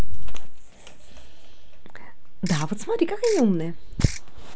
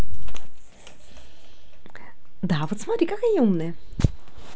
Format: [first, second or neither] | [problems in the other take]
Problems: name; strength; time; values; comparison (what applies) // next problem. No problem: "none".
second | background sound (Ratchet, pawl / Percussion); 19 dB below the speech